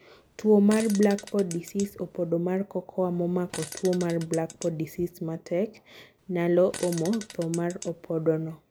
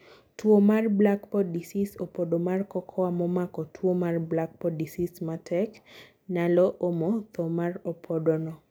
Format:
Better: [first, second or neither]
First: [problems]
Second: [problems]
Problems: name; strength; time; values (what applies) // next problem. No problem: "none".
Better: second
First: background sound (Fart); 17 dB below the speech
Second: none